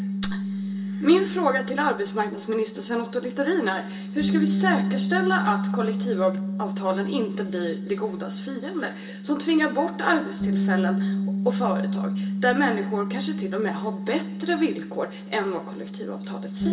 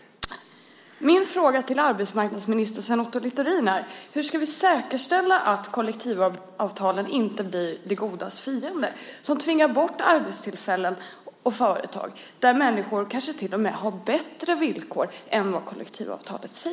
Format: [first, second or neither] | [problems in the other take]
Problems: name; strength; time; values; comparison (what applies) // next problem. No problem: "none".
second | background sound (Bass guitar); 2 dB below the speech // room echo; dies away in 0.1 s